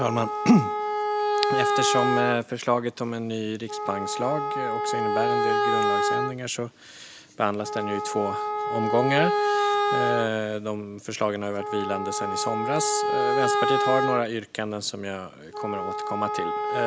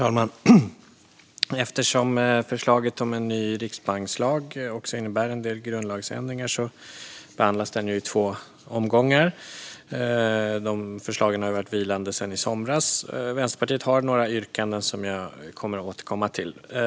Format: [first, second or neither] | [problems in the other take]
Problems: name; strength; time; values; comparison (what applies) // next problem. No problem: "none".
second | background sound (Wind instrument, woodwind instrument); 1 dB above the speech